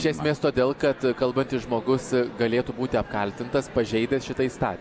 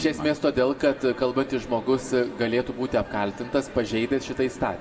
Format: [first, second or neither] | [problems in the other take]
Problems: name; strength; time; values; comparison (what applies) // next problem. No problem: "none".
first | room echo; dies away in 1.3 s